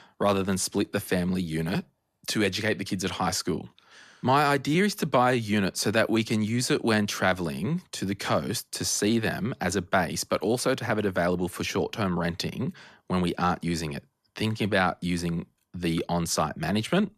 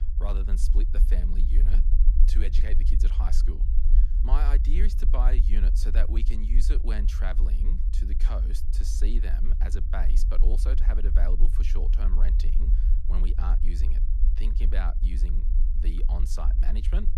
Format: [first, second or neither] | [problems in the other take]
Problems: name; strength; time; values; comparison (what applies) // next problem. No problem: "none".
first | low rumble; loud; throughout; 7 dB below the speech